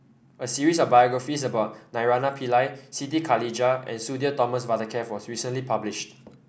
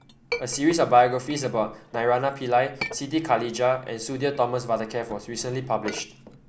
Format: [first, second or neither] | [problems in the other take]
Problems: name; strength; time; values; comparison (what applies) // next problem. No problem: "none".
first | background sound (Chink, clink); 15 dB below the speech